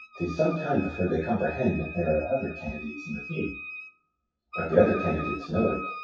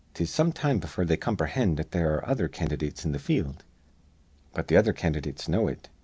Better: second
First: noise reduction (classical method WPE with log-MMSE)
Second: none

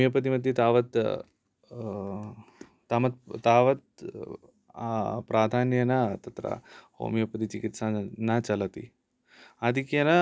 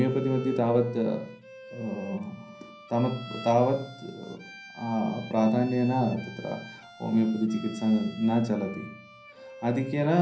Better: first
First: none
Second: background sound (Bowed string instrument); 18 dB below the speech // room echo; dies away in 0.6 s

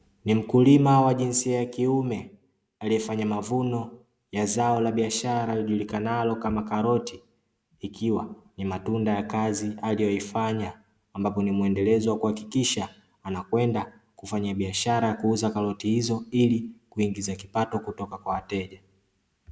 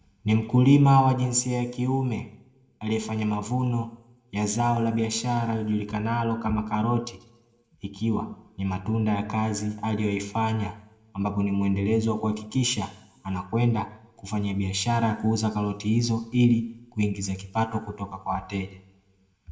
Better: first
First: none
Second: room echo; dies away in 0.6 s

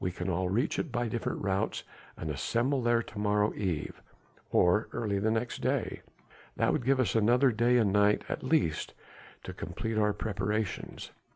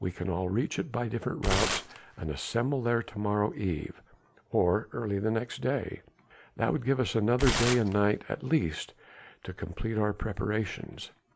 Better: first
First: none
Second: background sound (Tearing); 3 dB below the speech

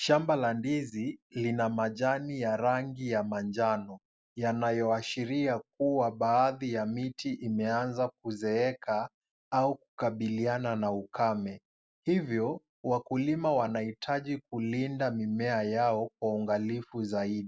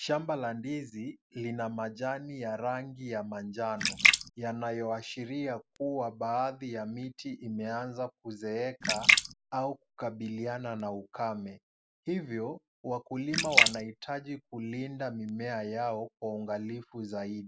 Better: first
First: none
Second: background sound (Splash, splatter); 5 dB above the speech

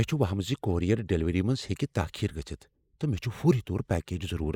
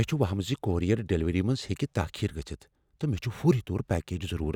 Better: second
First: noise reduction (neural mask model Resemble Enhance denoiser)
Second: none

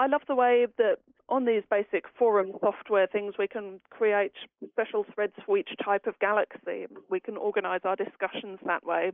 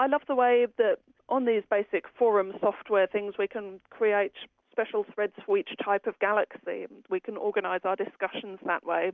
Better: second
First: noise reduction (neural mask model Resemble Enhance denoiser)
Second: none

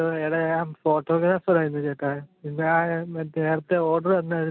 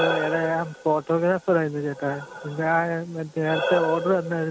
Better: first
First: none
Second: background sound (Breathing); 7 dB below the speech

